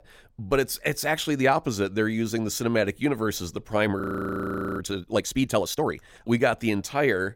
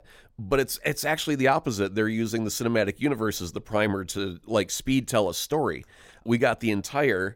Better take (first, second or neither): second